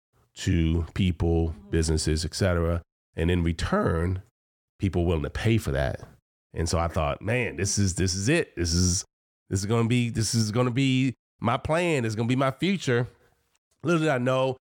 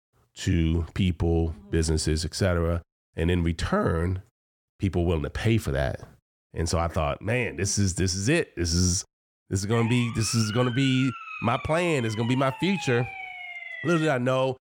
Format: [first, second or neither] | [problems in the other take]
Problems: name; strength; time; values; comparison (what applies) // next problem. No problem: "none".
first | siren; noticeable; from 9.5 to 14 s; peak 9 dB below the speech